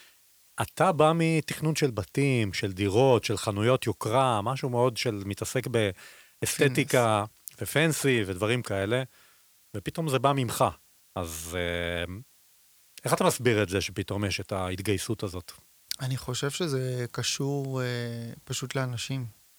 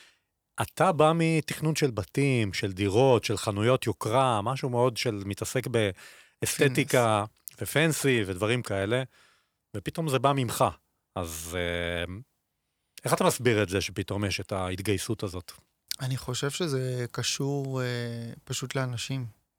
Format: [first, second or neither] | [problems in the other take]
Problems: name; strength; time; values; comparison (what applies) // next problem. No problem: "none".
second | hiss; faint; throughout; 30 dB below the speech